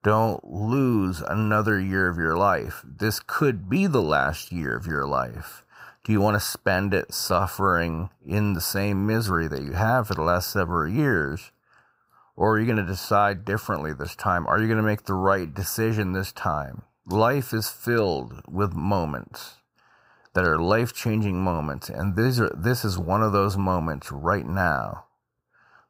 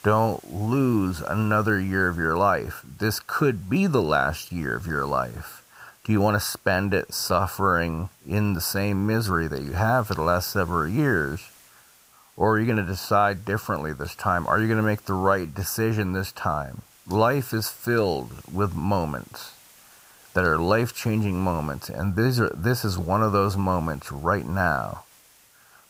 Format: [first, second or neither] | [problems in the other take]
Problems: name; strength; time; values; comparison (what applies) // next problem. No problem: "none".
first | hiss; faint; throughout; 25 dB below the speech